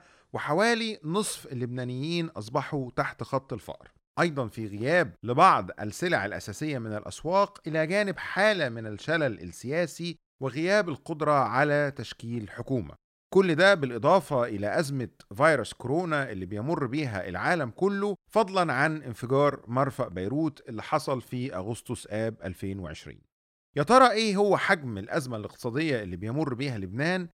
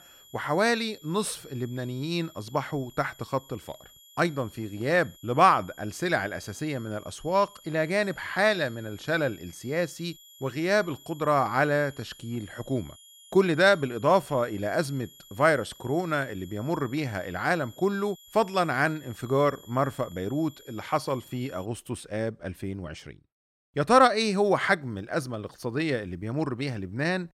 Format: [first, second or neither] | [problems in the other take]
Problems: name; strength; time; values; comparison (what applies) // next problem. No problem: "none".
first | high-pitched whine; faint; until 22 s; 3.5 kHz, 25 dB below the speech